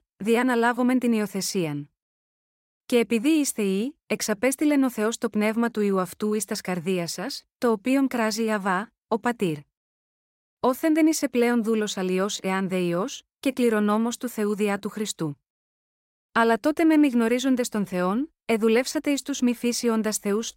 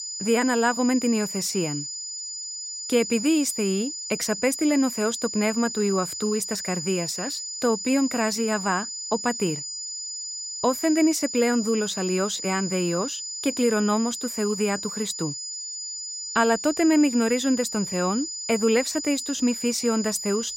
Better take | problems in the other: first | high-pitched whine; loud; throughout; 7 kHz, 6 dB below the speech

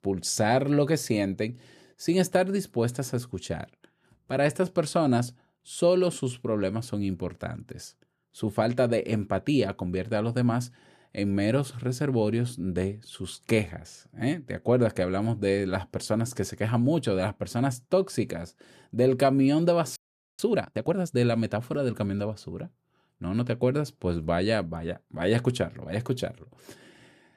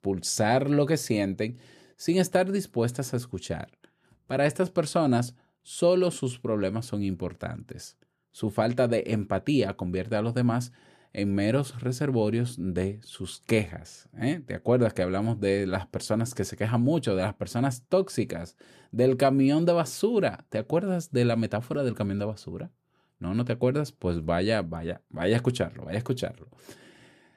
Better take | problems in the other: second | audio freezing; at 20 s

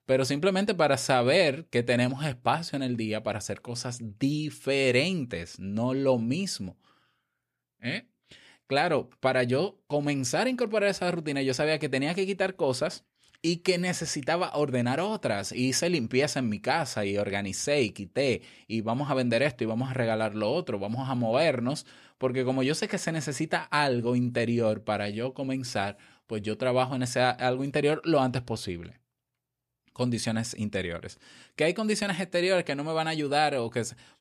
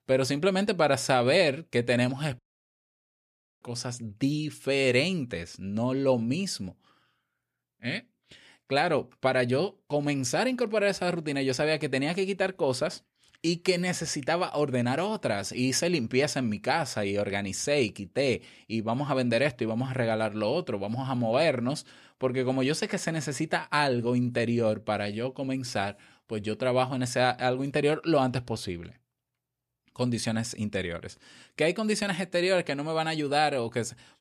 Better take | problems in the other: first | audio cutting out; at 2.5 s for 1 s

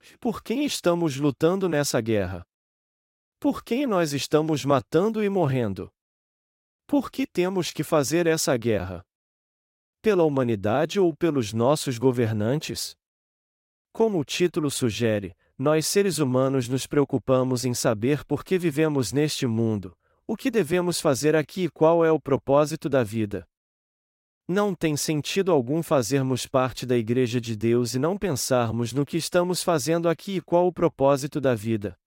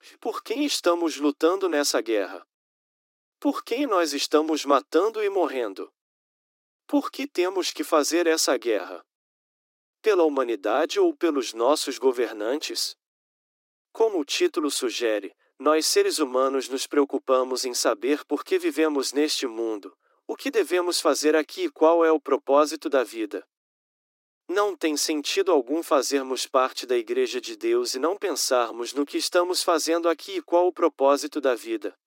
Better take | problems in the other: first | thin; very slightly; fading below 300 Hz

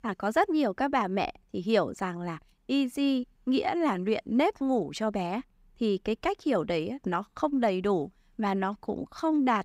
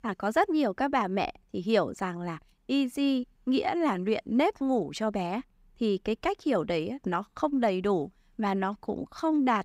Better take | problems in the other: neither | none

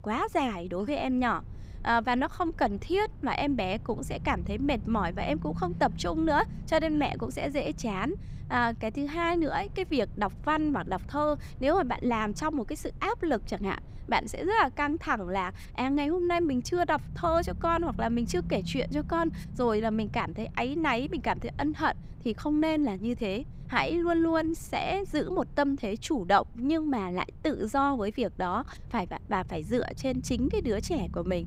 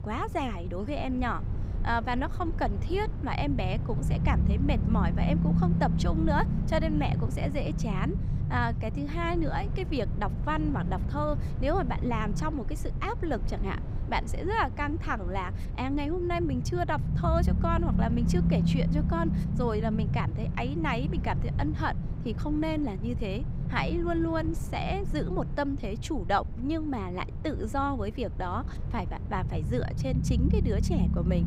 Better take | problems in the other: first | low rumble; loud; throughout; 9 dB below the speech; faint in the first

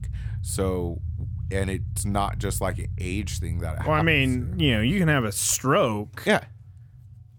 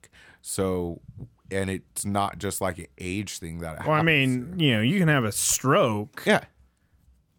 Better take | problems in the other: second | low rumble; faint; throughout; 20 dB below the speech

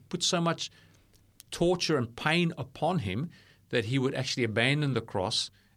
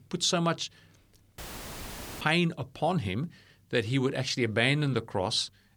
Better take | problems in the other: first | audio cutting out; filled with static; at 1.5 s for 1 s

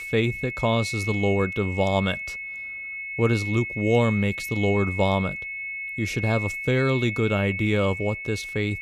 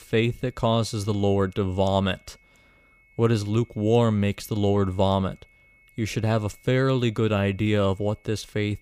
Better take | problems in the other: second | high-pitched whine; loud; throughout; 2 kHz, 6 dB below the speech; faint in the second

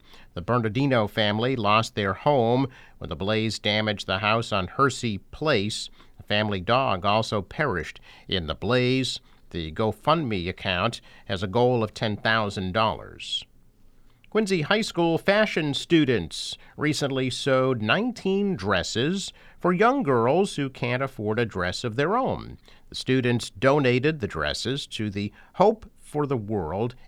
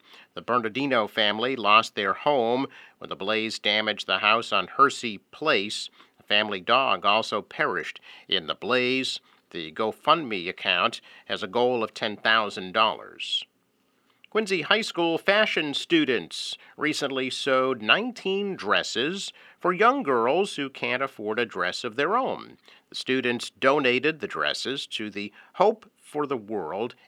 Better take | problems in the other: first | thin; very slightly; fading below 300 Hz

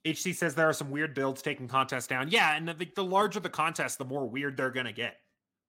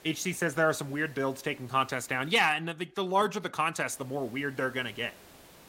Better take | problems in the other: first | hiss; faint; until 2.5 s and from 4 s on; 25 dB below the speech

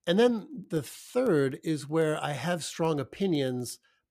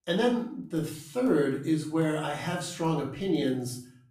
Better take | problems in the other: first | room echo; slight; dies away in 0.5 s // off-mic speech; far

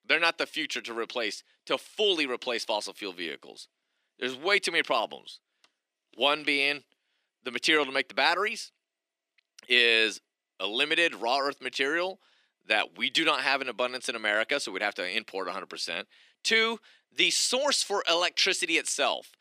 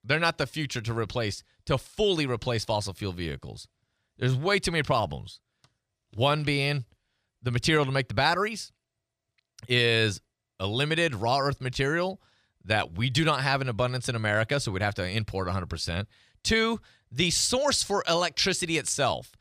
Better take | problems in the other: second | thin; somewhat; fading below 250 Hz

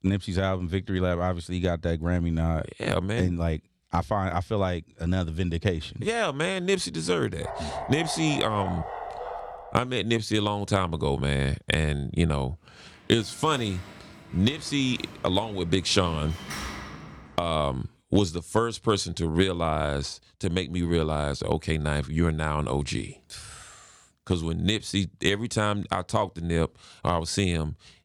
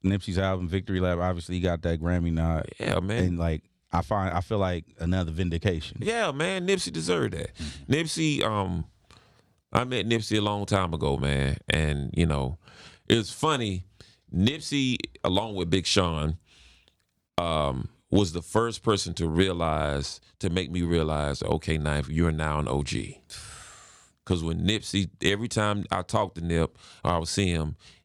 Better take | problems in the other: second | dog barking; noticeable; from 7.5 to 10 s; peak 7 dB below the speech // door banging; noticeable; from 13 to 17 s; peak 7 dB below the speech

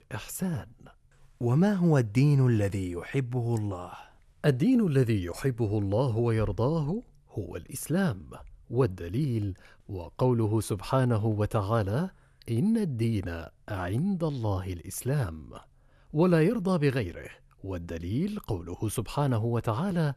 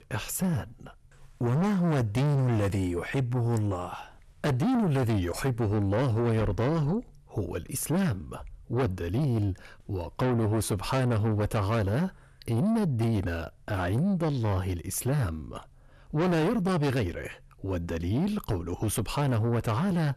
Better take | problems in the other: first | distortion; heavy; 7 dB below the speech

